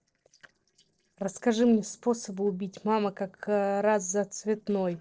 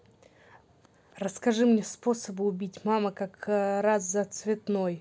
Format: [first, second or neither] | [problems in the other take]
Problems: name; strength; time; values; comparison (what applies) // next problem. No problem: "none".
second | noise reduction (neural separator model SepFormer DNS4)